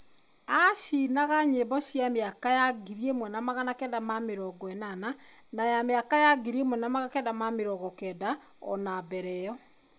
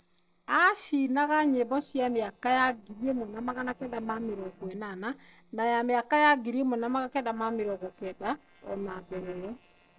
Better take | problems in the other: first | noise reduction (neural separator model SepFormer DNS4)

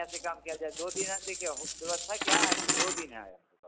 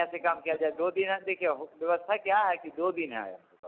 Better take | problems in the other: second | background sound (Coin (dropping)); 5 dB above the speech

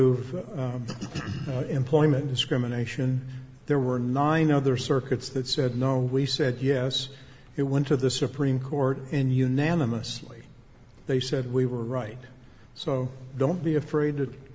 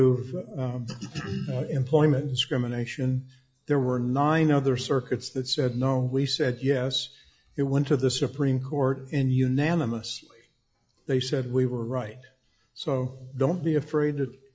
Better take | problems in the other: first | noise reduction (classical method log-MMSE)

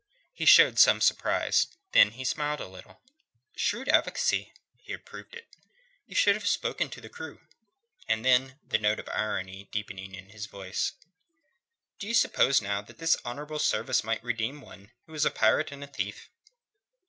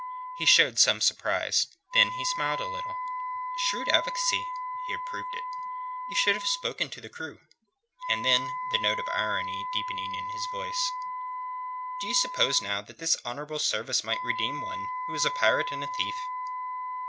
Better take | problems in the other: first | background sound (Wind instrument, woodwind instrument); 4 dB below the speech

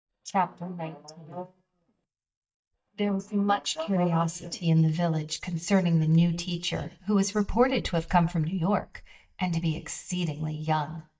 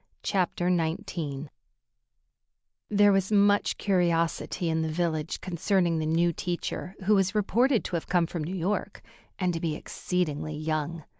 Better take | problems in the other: second | noise reduction (neural mask model DeepFilterNet 3)

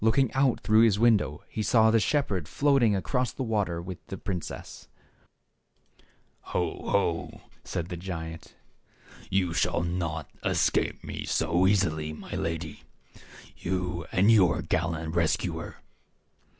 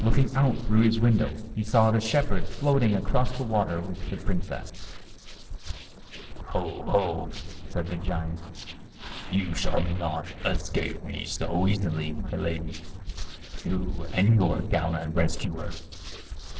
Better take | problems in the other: first | noise reduction (neural separator model SepFormer DNS4)

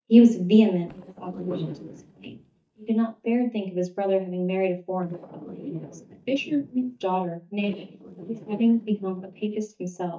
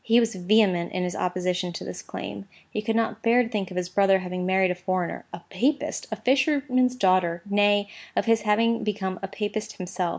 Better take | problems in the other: second | noise reduction (neural mask model DeepFilterNet 3)

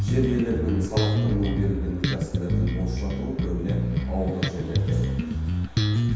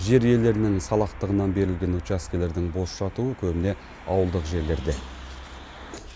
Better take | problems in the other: second | background sound (Bass guitar); 4 dB above the speech // room echo; dies away in 1.2 s

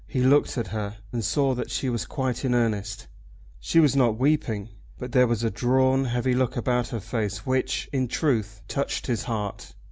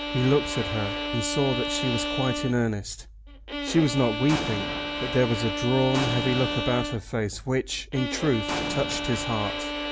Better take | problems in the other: first | background sound (Explosion + Bowed string instrument); 4 dB below the speech

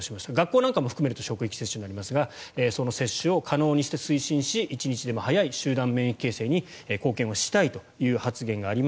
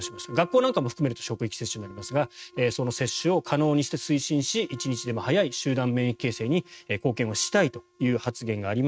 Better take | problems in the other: first | noise reduction (neural mask model RNNoise)

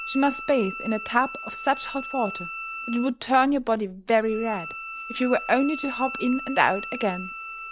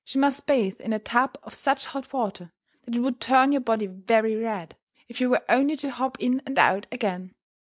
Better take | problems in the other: second | background sound (Bowed string instrument); 11 dB below the speech

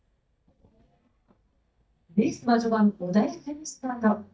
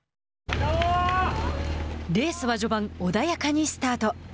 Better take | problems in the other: second | noise reduction (neural mask model DeepFilterNet 3)

